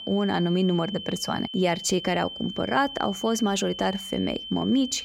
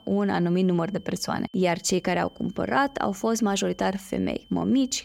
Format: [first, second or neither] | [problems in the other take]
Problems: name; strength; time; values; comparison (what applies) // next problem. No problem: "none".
second | high-pitched whine; loud; throughout; 3 kHz, 10 dB below the speech; faint in the second